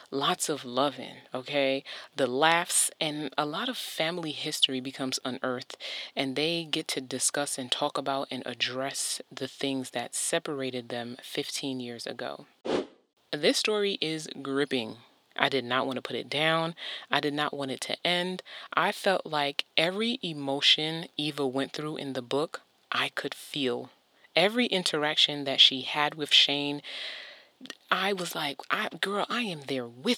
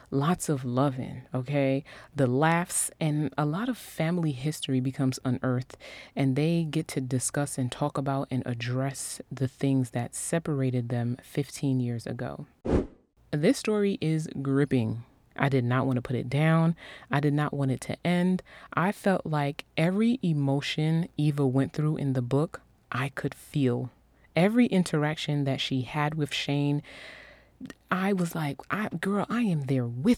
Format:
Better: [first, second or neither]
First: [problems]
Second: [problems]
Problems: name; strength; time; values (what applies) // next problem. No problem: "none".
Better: second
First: thin; somewhat; fading below 400 Hz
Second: none